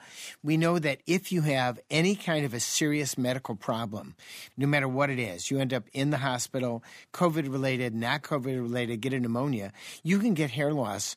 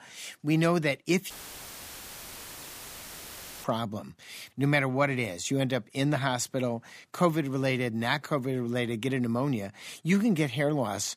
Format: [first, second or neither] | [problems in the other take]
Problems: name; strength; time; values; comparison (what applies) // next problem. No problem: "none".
first | audio cutting out; filled with static; at 1.5 s for 2.5 s